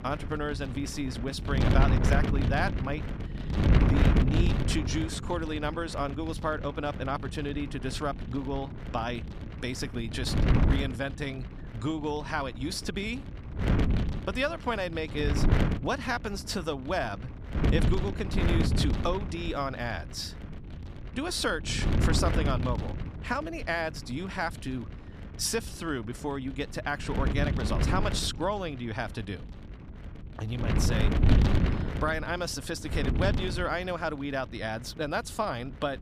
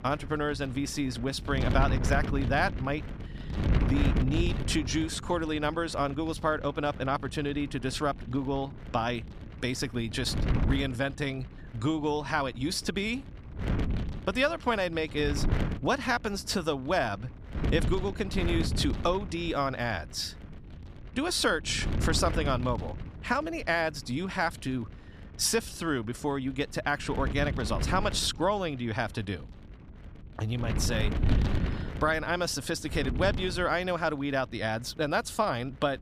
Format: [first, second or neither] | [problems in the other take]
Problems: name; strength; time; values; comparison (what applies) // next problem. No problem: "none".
second | wind noise on the microphone; heavy; 5 dB below the speech; occasional gusts in the second